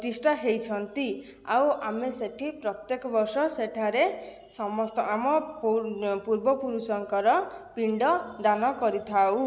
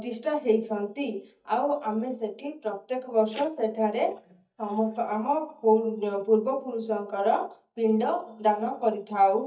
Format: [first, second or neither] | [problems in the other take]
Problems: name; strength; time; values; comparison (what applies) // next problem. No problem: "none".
first | noise reduction (neural mask model DeepFilterNet 3)